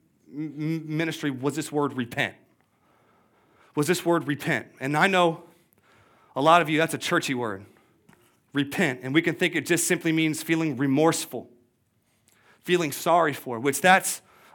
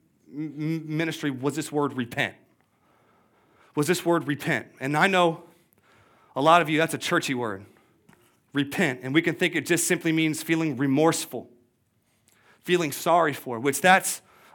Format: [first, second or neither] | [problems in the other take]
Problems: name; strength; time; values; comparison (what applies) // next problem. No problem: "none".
neither | none